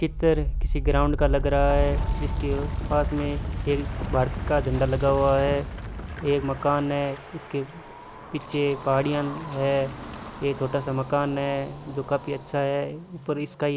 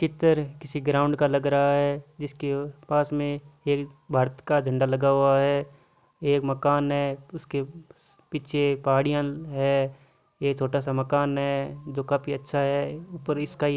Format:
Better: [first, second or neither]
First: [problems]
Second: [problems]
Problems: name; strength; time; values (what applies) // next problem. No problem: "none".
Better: second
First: background sound (Wind); 4 dB below the speech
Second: none